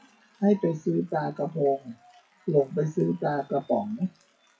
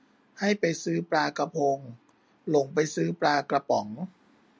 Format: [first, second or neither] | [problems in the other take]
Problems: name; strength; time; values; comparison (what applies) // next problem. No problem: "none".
second | noise reduction (classical method WPE with log-MMSE)